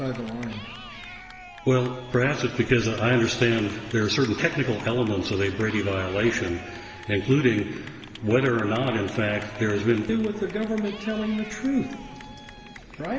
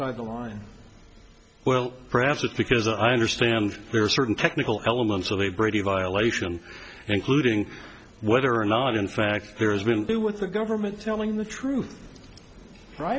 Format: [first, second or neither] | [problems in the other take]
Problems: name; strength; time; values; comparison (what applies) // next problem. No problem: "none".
second | background sound (Cheering / Clapping); 19 dB below the speech // room echo; dies away in 2.1 s